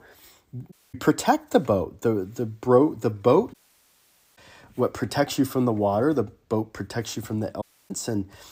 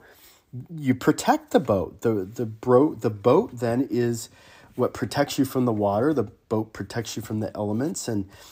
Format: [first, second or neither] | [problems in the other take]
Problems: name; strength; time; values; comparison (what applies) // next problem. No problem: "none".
second | audio cutting out; at 0.5 s, at 3.5 s for 1 s and at 7.5 s